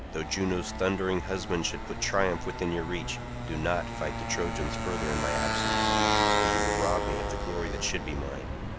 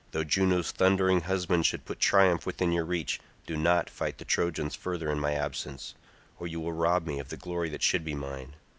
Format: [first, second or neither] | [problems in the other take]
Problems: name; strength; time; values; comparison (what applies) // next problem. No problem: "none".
second | background sound (Motorcycle); 1 dB above the speech